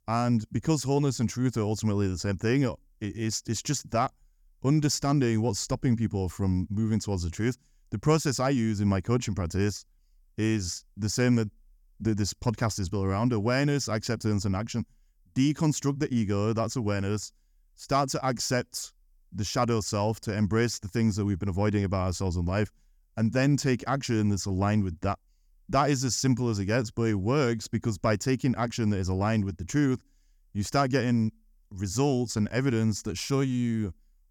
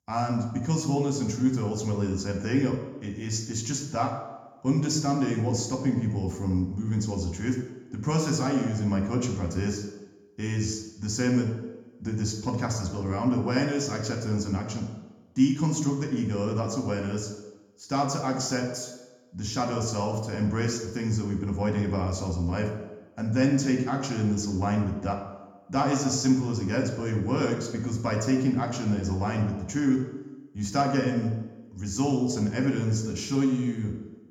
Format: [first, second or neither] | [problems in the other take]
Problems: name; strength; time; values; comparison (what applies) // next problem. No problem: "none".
first | room echo; noticeable; dies away in 0.9 s // off-mic speech; somewhat distant